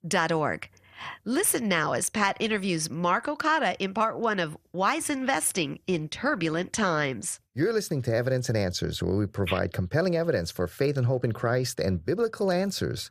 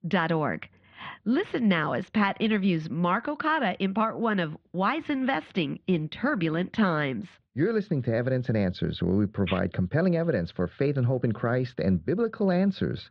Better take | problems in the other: first | muffled; slightly; fading above 4 kHz

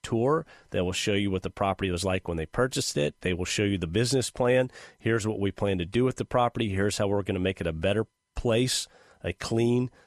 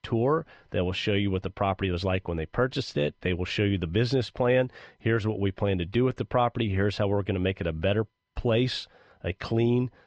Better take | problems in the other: first | muffled; very slightly; fading above 4.5 kHz

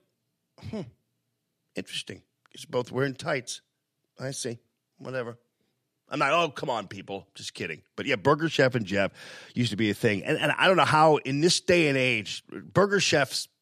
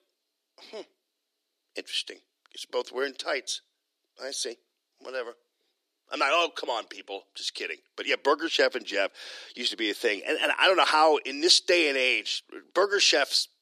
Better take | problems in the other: first | thin; somewhat; fading below 300 Hz

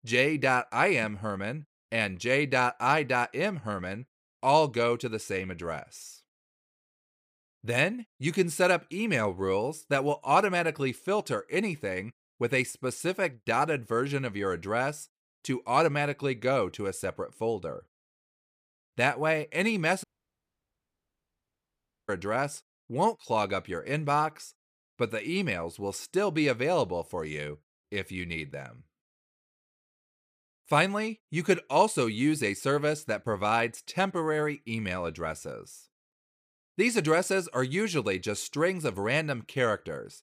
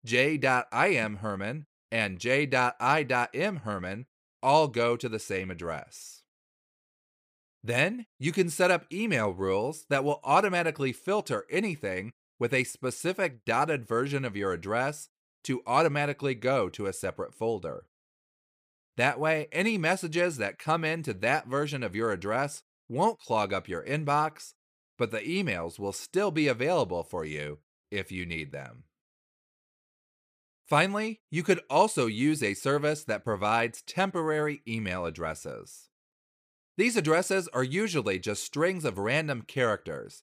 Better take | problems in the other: second | audio cutting out; at 20 s for 2 s

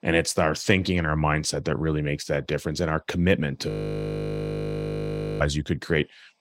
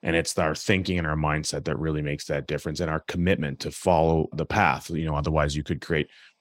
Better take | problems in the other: second | audio freezing; at 3.5 s for 1.5 s

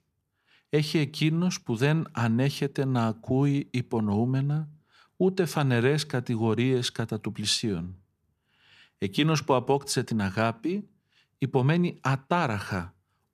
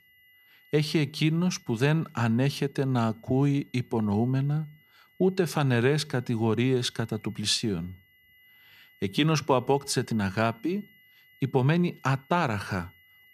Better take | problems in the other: first | high-pitched whine; faint; throughout; 2 kHz, 30 dB below the speech

